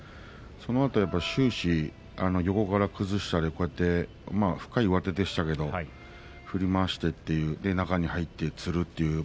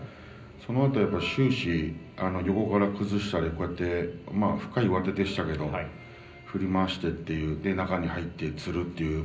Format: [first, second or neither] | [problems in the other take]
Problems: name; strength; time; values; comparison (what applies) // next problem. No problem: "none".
first | room echo; dies away in 0.5 s